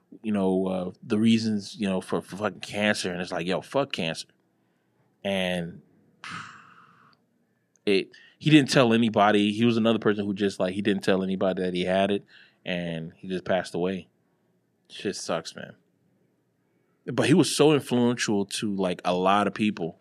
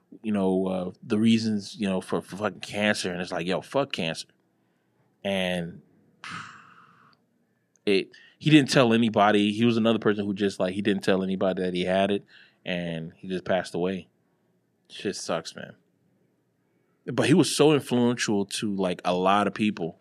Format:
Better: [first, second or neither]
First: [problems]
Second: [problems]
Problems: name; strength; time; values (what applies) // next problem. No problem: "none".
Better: neither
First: none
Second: none